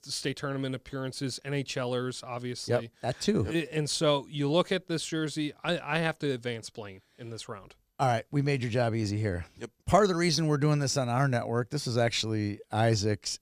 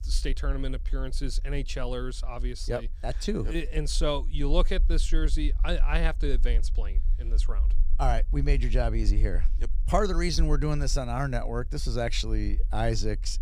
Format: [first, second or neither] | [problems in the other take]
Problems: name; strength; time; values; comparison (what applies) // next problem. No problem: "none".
first | low rumble; faint; throughout; 25 dB below the speech